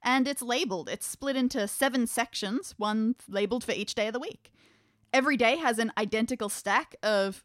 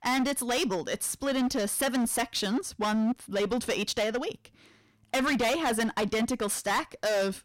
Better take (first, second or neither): first